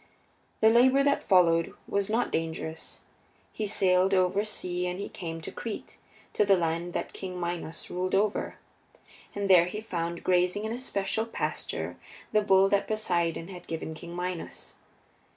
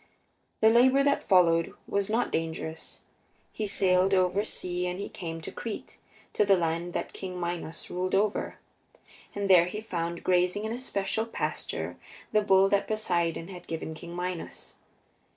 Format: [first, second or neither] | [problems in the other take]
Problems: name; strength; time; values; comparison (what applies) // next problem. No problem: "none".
first | noise reduction (neural separator model SepFormer DNS4)